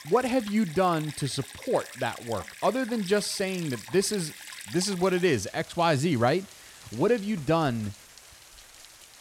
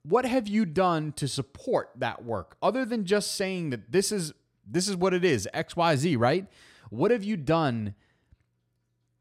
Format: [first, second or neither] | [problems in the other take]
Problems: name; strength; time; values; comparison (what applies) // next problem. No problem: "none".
second | rain or running water; noticeable; throughout; 15 dB below the speech